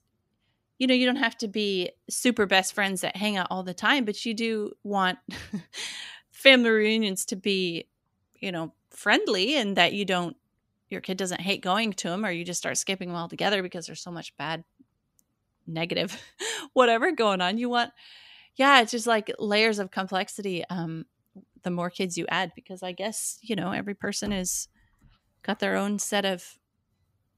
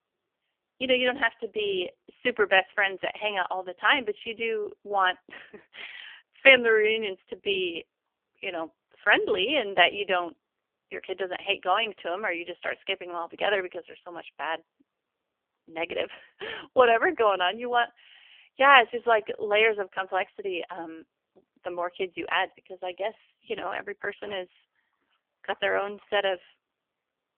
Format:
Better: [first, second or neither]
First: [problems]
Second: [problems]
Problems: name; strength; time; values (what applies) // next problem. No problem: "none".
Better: first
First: none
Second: phone-call audio; poor line; nothing above 3 kHz